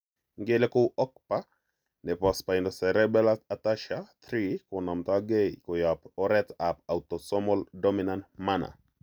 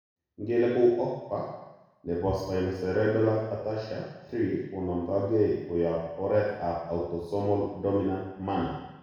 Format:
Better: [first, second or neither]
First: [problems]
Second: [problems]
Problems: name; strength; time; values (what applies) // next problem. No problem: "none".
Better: first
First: none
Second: room echo; dies away in 1.1 s